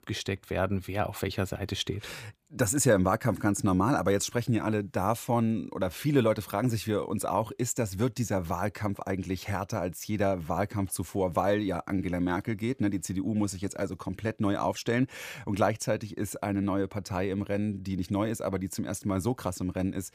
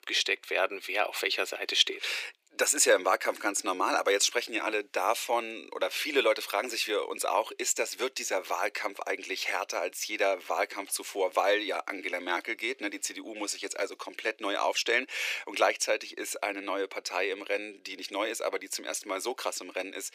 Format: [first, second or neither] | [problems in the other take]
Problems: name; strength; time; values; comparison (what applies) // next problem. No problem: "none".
first | thin; very; fading below 350 Hz